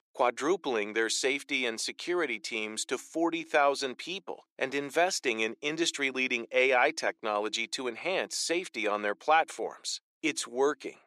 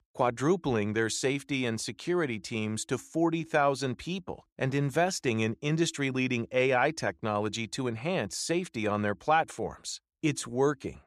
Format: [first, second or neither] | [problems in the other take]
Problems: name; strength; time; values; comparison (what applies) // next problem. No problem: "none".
second | thin; somewhat; fading below 350 Hz